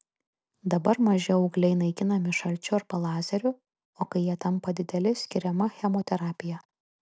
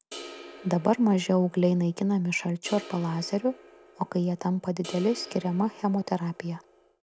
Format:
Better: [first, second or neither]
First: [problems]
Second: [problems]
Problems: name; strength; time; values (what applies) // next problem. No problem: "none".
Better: first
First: none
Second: background sound (Crash cymbal); 19 dB below the speech